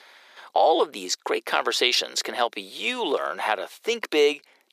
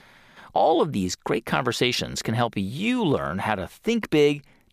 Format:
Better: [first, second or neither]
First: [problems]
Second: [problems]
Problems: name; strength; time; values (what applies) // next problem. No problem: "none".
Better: second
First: thin; very; fading below 400 Hz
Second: none